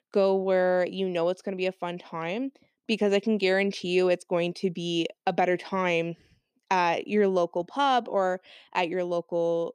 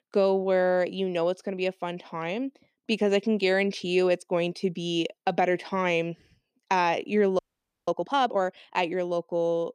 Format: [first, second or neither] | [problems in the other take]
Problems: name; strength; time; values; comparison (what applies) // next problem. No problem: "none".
first | audio freezing; at 7.5 s